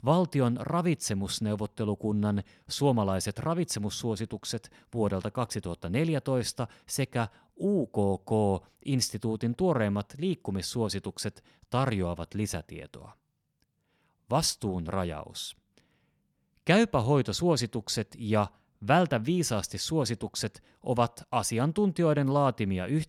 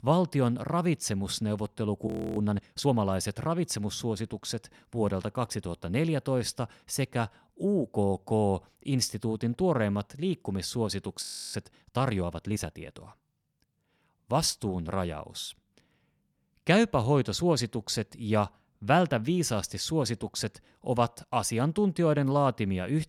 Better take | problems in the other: first | audio freezing; at 2 s and at 11 s

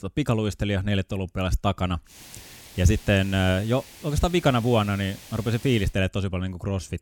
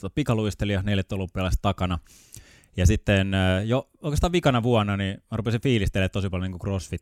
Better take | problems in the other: second | hiss; noticeable; from 2 to 6 s; 20 dB below the speech

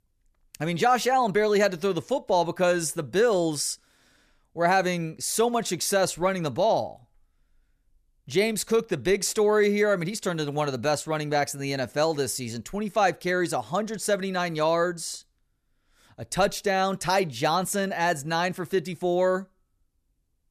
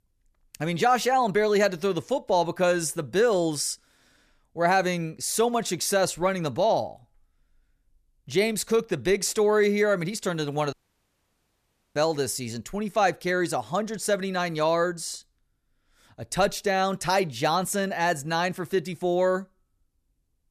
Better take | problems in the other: first | audio cutting out; at 11 s for 1 s

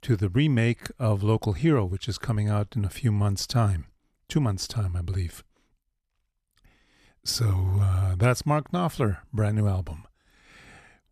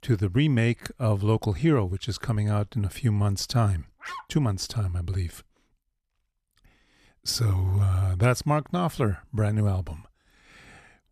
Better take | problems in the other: first | dog barking; faint; at 4 s; peak 15 dB below the speech

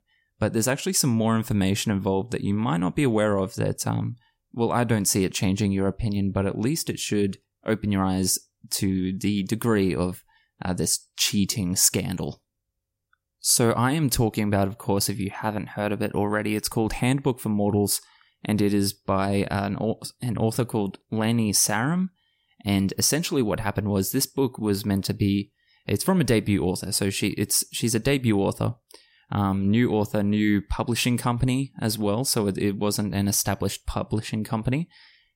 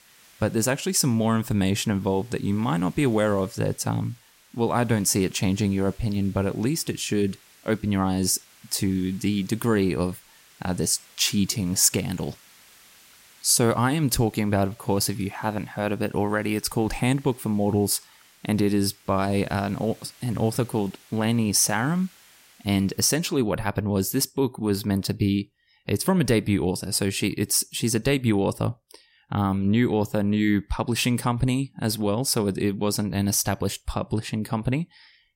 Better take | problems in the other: first | hiss; faint; until 23 s; 25 dB below the speech

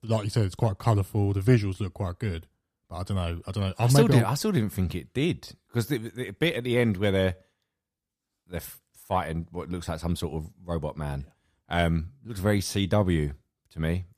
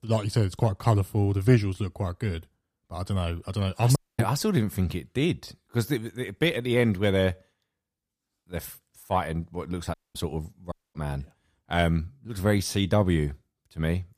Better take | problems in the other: first | audio cutting out; at 4 s, at 10 s and at 11 s

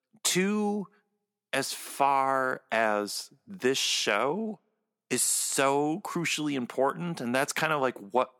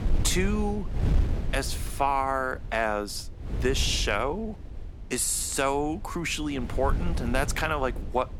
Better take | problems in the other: first | wind noise on the microphone; occasional gusts; 15 dB below the speech

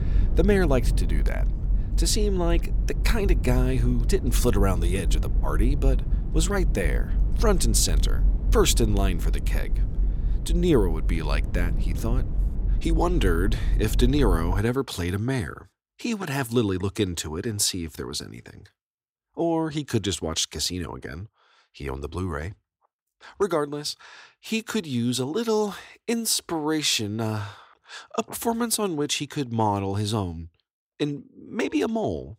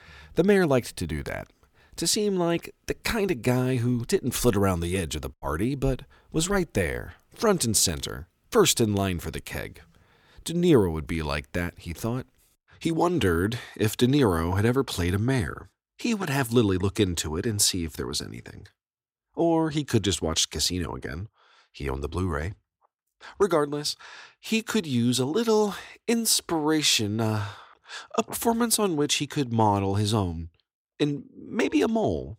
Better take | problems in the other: second | low rumble; noticeable; until 15 s; 15 dB below the speech

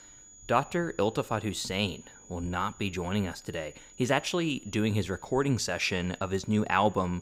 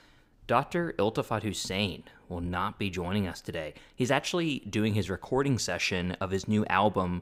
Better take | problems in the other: second | high-pitched whine; faint; throughout; 7 kHz, 20 dB below the speech

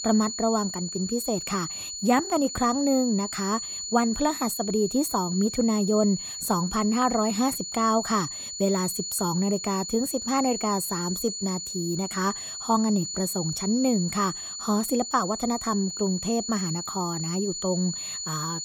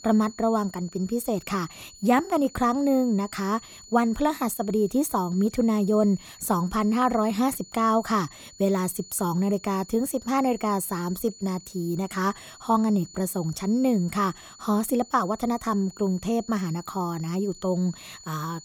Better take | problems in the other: second | high-pitched whine; loud; throughout; 7 kHz, 6 dB below the speech; faint in the second

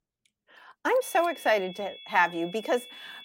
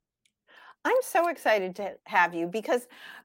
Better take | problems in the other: second | high-pitched whine; noticeable; from 1 s on; 3.5 kHz, 15 dB below the speech

